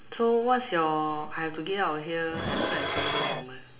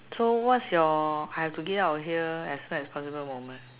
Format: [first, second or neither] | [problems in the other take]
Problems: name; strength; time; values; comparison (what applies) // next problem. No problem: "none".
second | background sound (Dishes, pots, and pans); 5 dB below the speech // room echo; dies away in 2.2 s